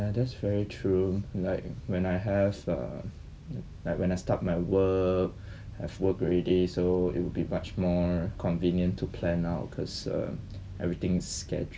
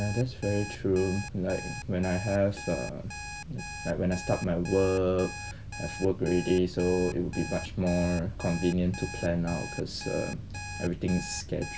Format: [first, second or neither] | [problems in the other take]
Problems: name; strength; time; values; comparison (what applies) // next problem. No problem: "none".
first | background sound (Alarm); 13 dB below the speech